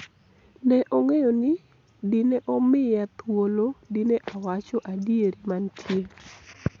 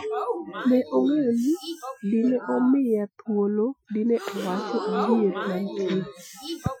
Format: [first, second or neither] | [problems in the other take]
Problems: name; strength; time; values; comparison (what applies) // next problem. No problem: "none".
first | noise reduction (classical method Wiener filter)